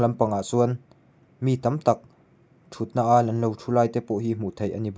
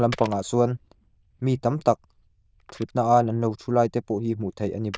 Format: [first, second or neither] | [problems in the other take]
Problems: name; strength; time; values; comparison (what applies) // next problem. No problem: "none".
first | noise reduction (neural diffusion model UNIVERSE++)